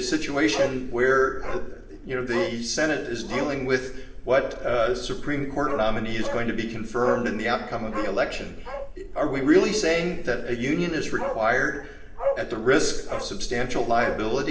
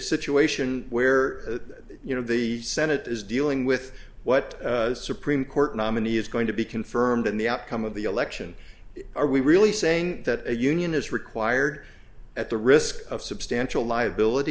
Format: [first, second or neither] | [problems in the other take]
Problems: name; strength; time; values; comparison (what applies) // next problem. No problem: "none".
second | background sound (Bark); 11 dB below the speech // room echo; dies away in 1.3 s